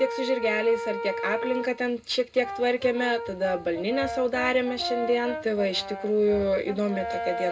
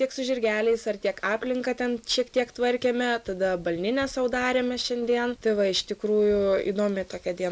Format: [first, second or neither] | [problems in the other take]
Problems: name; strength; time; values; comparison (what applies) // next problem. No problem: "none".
second | background sound (Brass instrument); 8 dB below the speech // room echo; dies away in 0.2 s